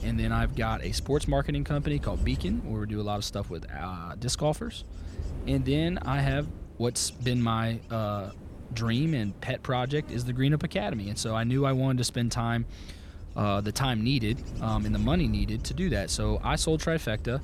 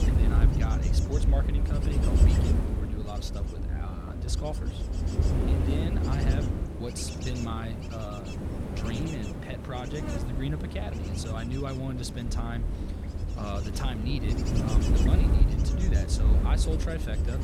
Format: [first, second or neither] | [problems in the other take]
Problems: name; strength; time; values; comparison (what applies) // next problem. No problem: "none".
first | wind noise on the microphone; heavy; as loud as the speech; occasional gusts in the first